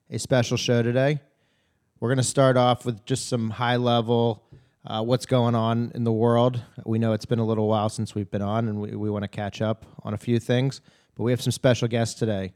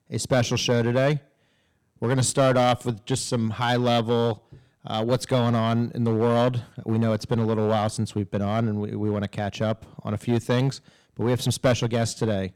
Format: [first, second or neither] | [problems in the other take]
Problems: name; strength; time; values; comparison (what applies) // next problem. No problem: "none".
first | distortion; slight; 4% of the sound clipped